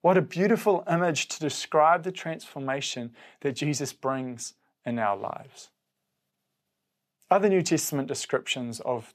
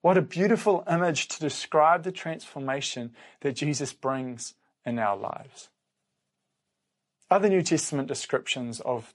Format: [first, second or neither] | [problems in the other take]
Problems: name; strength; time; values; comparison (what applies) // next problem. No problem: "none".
first | garbled, watery; slightly; nothing above 11 kHz